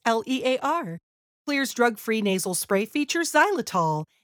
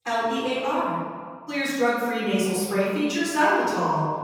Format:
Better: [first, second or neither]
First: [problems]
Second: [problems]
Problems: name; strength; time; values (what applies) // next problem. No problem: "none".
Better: first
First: none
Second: room echo; strong; dies away in 1.8 s // off-mic speech; far